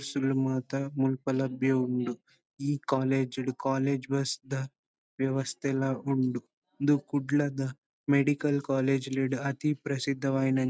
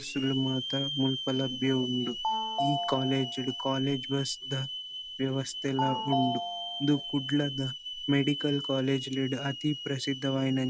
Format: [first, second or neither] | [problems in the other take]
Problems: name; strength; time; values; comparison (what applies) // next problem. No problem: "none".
first | background sound (Telephone + Hiss / Alarm); 5 dB below the speech